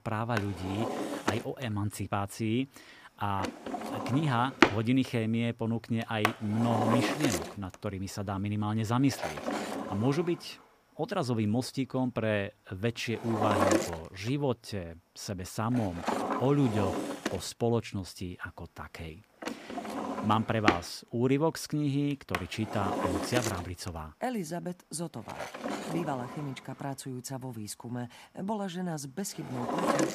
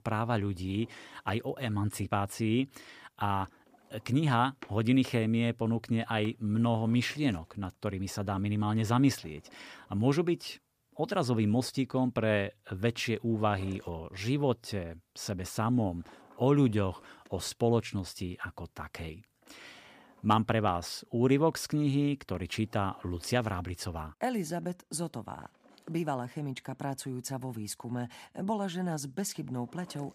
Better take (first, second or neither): second